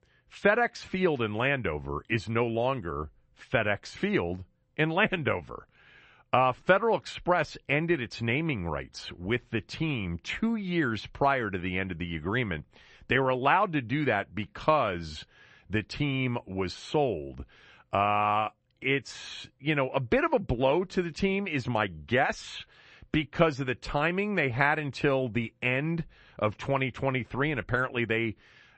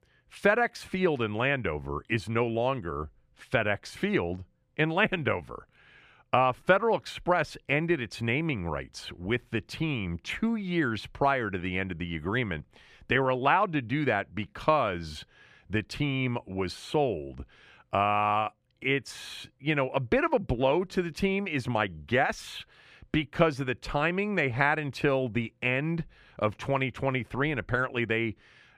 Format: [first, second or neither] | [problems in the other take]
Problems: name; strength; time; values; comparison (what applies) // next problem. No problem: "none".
second | garbled, watery; slightly; nothing above 8 kHz